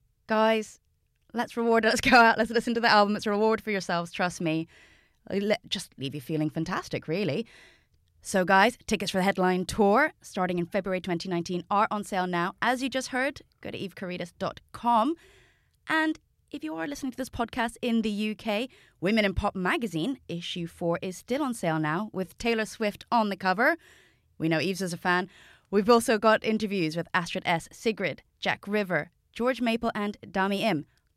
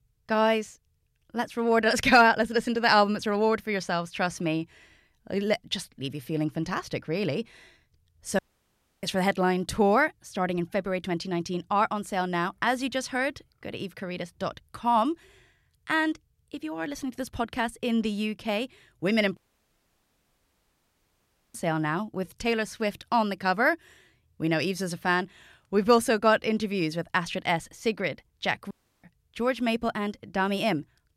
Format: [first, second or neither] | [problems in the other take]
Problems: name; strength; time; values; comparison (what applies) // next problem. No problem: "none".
first | audio cutting out; at 8.5 s for 0.5 s, at 19 s for 2 s and at 29 s